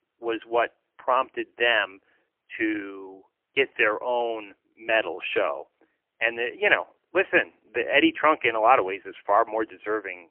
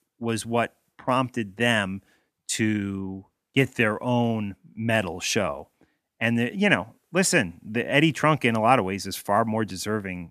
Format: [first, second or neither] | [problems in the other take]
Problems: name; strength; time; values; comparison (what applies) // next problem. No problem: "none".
second | phone-call audio; poor line; nothing above 3 kHz